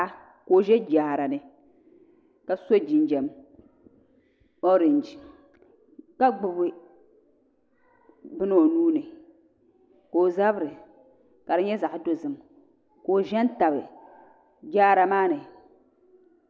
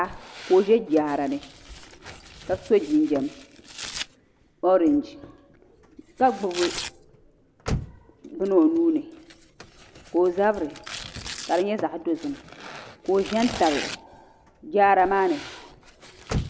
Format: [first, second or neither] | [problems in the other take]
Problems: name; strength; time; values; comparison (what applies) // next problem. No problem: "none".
first | background sound (Tearing + Slam / Car); 13 dB below the speech